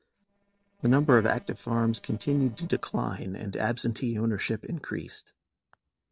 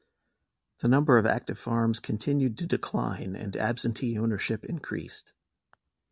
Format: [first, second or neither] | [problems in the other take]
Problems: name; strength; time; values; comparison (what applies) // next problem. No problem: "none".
second | noise reduction (neural separator model SepFormer DNS4)